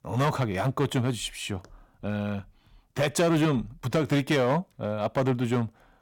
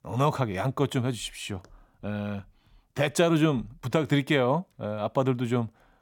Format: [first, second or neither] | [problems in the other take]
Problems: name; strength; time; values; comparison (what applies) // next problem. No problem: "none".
second | distortion; slight; 6% of the sound clipped